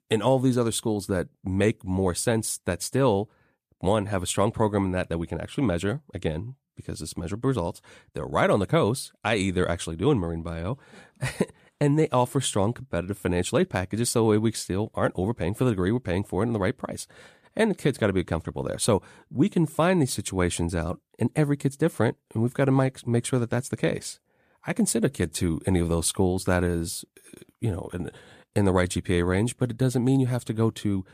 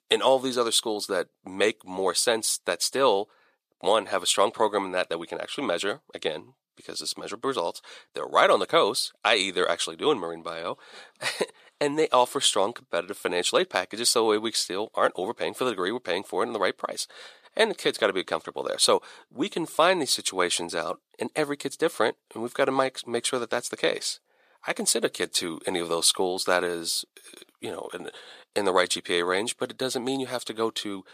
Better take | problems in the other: first | thin; very; fading below 500 Hz

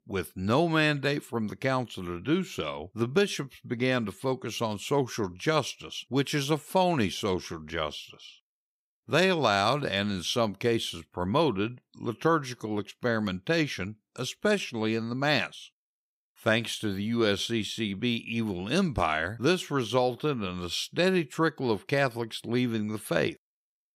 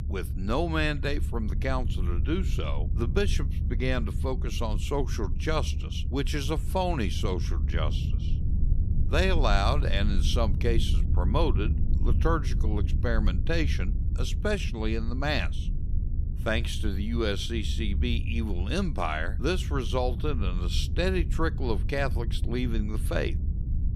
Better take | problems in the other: first | low rumble; noticeable; throughout; 15 dB below the speech

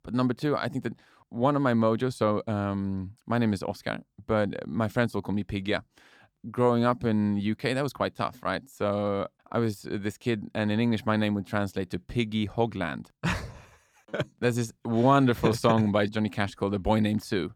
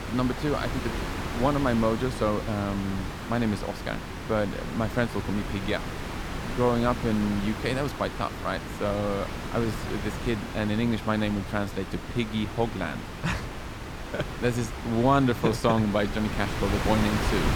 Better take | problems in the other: first | wind noise on the microphone; heavy; 6 dB below the speech

